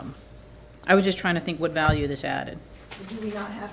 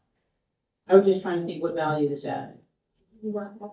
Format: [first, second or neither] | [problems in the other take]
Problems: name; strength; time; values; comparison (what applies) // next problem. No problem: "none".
first | noise reduction (neural mask model DeepFilterNet 3)